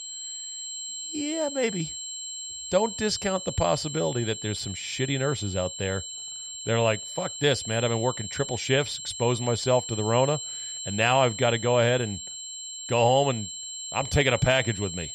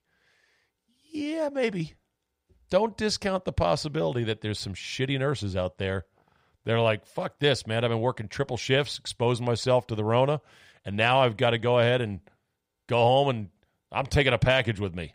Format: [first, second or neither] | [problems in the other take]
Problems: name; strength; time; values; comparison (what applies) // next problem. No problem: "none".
second | high-pitched whine; loud; throughout; 7.5 kHz, 8 dB below the speech